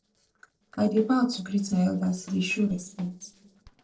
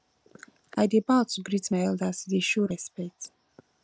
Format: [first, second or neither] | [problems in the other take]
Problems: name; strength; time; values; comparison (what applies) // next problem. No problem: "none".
second | noise reduction (neural separator model SepFormer DNS4)